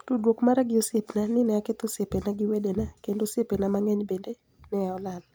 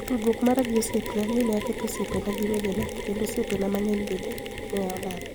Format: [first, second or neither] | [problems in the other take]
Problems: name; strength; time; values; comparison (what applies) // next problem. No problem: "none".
first | background sound (Mechanisms); 6 dB below the speech